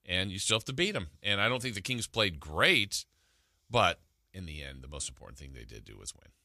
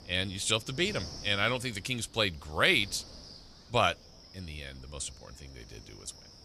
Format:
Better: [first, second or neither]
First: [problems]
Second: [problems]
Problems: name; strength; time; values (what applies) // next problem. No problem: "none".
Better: first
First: none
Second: wind noise on the microphone; occasional gusts; 20 dB below the speech